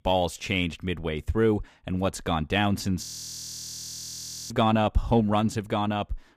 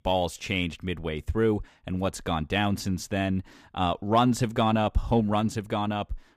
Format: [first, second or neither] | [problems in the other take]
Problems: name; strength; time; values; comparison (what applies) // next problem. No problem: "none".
second | audio freezing; at 3 s for 1.5 s